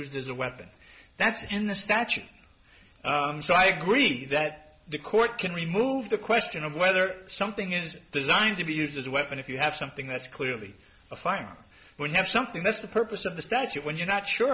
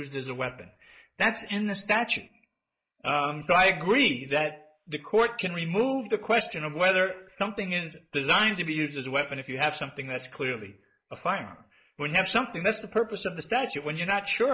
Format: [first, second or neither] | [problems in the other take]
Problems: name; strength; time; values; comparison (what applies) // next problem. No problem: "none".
first | noise reduction (neural mask model Resemble Enhance denoiser)